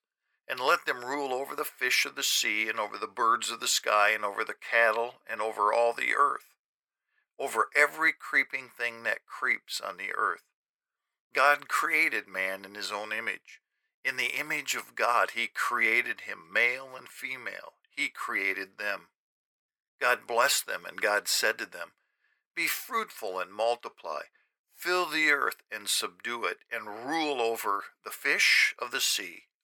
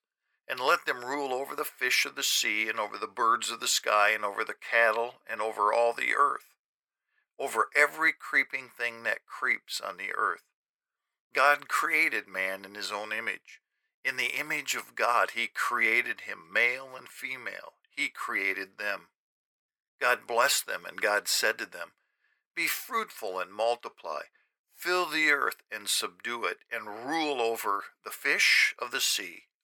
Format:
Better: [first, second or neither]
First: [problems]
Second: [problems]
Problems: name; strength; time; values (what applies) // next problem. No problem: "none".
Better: neither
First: thin; very; fading below 450 Hz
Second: thin; very; fading below 450 Hz